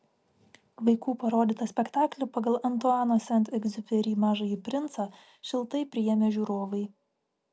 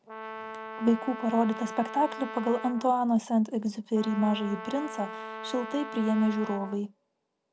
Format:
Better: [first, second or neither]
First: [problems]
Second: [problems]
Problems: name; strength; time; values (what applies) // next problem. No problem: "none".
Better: first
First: none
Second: background sound (Brass instrument); 11 dB below the speech